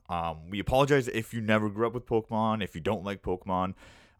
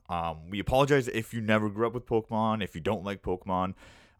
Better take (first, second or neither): neither